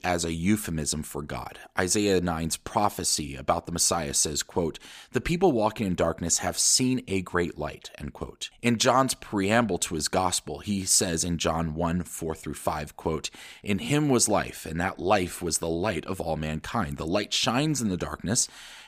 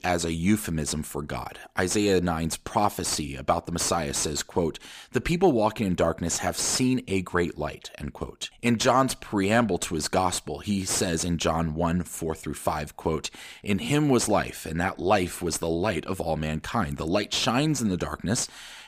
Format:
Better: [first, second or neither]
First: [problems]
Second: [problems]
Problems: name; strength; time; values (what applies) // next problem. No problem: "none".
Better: first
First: none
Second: distortion; slight; 10 dB below the speech